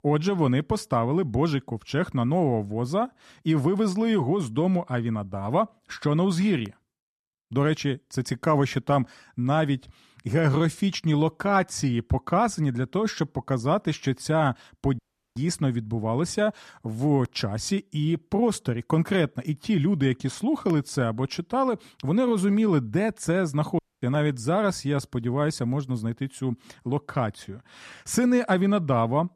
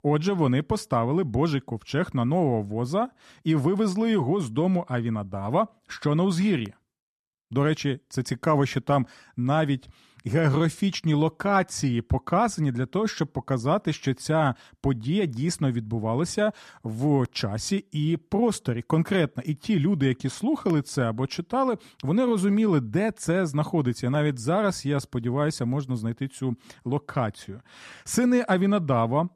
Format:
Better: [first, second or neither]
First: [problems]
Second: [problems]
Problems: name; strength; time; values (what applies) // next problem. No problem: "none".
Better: second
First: audio cutting out; at 15 s and at 24 s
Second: none